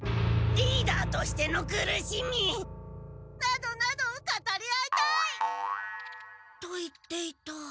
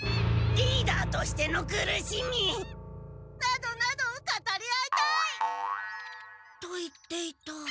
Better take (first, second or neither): first